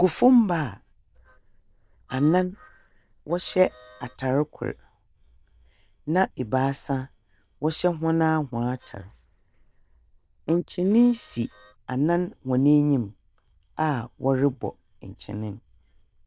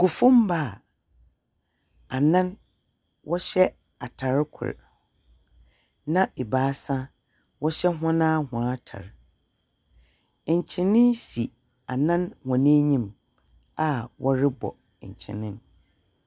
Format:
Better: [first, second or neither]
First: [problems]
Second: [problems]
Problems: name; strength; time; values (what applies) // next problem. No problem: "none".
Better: second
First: noise reduction (neural diffusion model UNIVERSE++)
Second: none